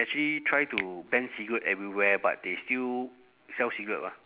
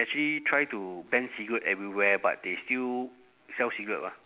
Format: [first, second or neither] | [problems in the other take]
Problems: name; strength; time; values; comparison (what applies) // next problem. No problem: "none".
second | background sound (Finger snapping); 13 dB below the speech